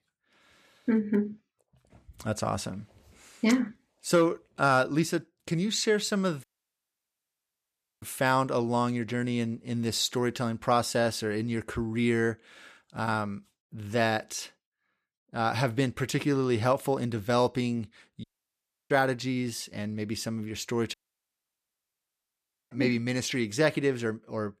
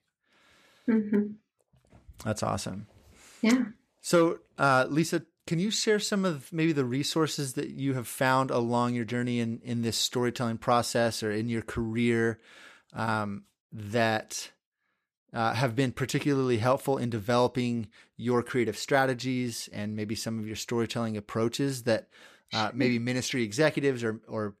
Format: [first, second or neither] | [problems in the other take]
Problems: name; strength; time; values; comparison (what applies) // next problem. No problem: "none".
second | audio cutting out; at 6.5 s for 1.5 s, at 18 s for 0.5 s and at 21 s for 2 s